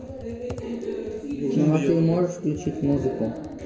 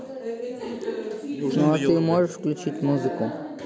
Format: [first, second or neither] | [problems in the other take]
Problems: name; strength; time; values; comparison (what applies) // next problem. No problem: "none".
second | background sound (Computer keyboard); 18 dB below the speech // room echo; dies away in 0.7 s